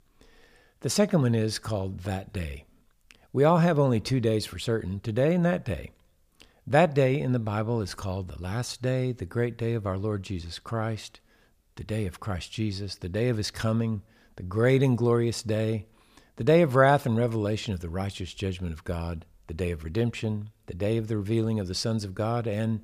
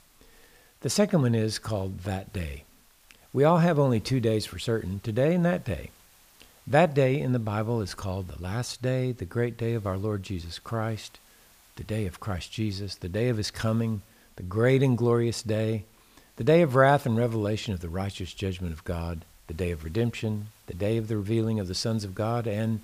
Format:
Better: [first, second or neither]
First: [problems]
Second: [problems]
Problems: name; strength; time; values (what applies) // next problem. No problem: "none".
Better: first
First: none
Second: hiss; faint; throughout; 30 dB below the speech